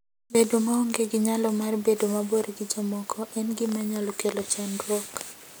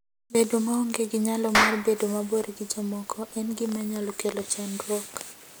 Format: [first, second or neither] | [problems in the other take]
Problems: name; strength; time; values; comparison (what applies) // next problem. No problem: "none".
first | background sound (Clapping); 3 dB below the speech